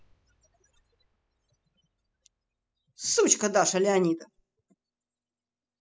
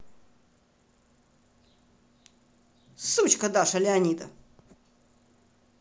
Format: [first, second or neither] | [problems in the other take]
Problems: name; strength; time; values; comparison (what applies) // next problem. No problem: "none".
second | noise reduction (classical method spectral subtraction)